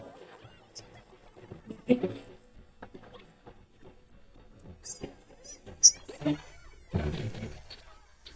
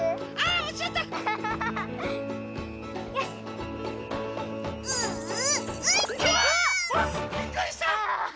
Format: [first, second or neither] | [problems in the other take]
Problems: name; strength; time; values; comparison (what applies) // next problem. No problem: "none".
second | noise reduction (neural mask model DeepFilterNet 3)